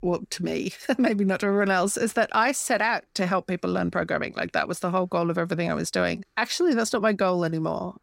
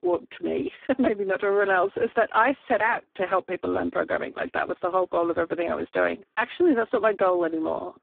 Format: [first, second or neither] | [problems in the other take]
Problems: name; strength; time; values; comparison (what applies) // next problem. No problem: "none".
first | phone-call audio; poor line; nothing above 3.5 kHz